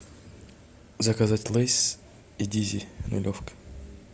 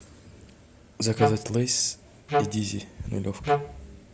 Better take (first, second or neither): first